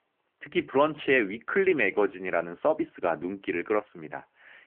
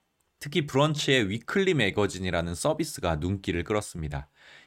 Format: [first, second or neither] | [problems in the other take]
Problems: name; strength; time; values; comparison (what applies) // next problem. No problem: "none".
second | phone-call audio